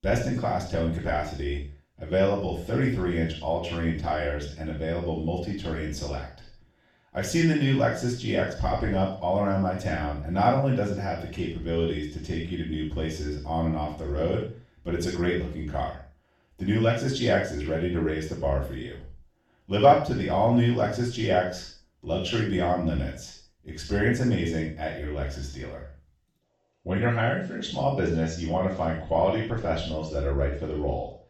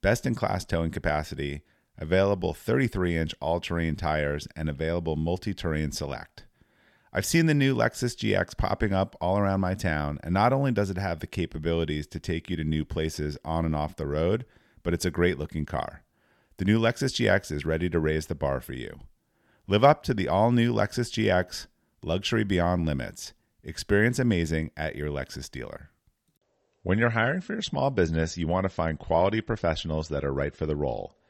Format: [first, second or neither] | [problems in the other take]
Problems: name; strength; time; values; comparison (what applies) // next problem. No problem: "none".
second | room echo; noticeable; dies away in 0.4 s // off-mic speech; far